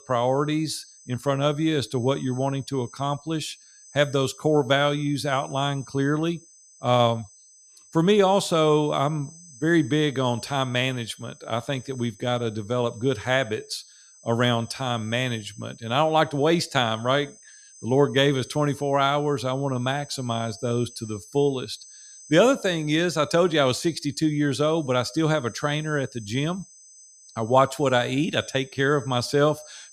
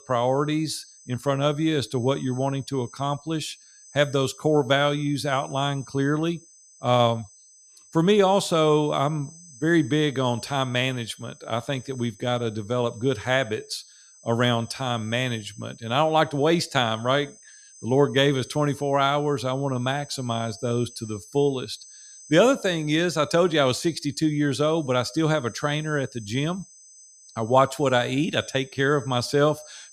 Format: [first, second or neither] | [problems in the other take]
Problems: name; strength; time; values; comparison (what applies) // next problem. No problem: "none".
neither | high-pitched whine; faint; throughout; 6 kHz, 20 dB below the speech; the same in both